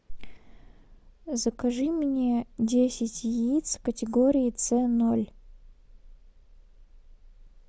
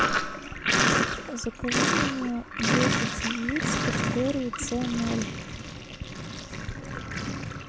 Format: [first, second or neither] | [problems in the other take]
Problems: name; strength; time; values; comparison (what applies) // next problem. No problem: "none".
first | background sound (Sink (filling or washing)); 4 dB above the speech